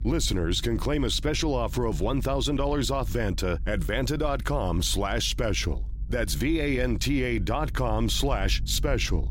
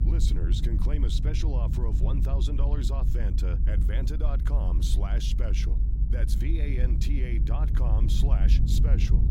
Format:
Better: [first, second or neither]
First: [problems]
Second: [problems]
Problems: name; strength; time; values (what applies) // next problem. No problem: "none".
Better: first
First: low rumble; faint; throughout; 25 dB below the speech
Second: low rumble; loud; throughout; 4 dB below the speech